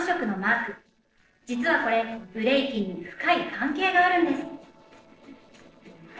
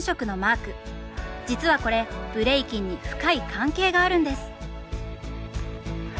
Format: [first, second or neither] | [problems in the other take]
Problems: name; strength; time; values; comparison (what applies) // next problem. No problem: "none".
second | noise reduction (neural separator model SepFormer DNS4)